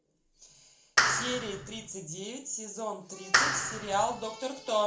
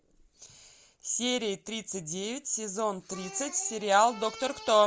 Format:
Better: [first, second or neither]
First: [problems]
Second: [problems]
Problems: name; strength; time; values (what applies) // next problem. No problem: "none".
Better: second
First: background sound (Clapping); 4 dB above the speech // room echo; dies away in 0.4 s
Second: none